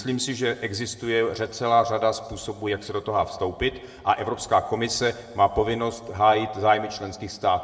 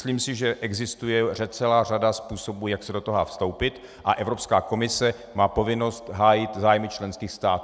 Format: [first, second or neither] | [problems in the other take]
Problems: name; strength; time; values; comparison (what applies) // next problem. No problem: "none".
second | room echo; dies away in 0.8 s